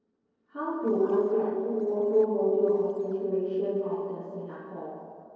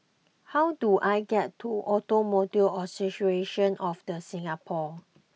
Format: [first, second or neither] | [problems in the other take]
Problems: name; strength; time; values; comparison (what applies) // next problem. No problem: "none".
second | noise reduction (neural separator model SepFormer DNS4)